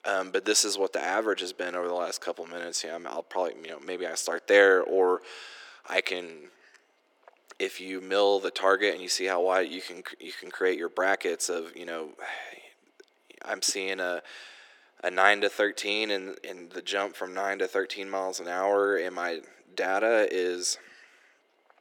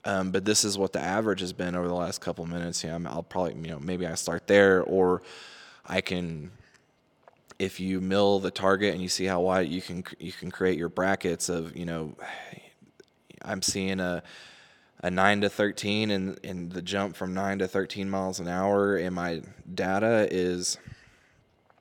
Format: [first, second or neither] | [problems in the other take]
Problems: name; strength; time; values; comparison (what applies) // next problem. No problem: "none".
second | thin; somewhat; fading below 300 Hz